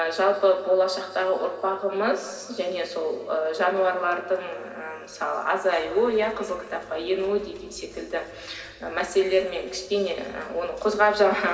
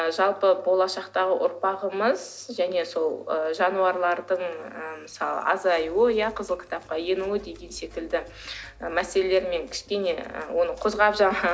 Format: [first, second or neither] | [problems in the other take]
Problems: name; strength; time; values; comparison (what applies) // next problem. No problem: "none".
second | room echo; dies away in 2.1 s